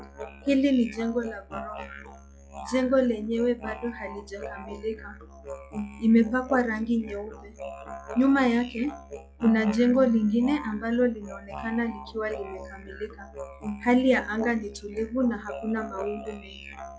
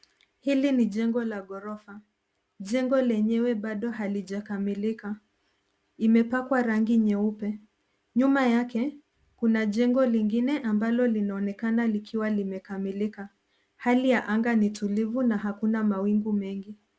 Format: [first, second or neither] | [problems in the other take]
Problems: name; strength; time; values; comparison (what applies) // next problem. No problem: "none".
second | noise reduction (classical method log-MMSE)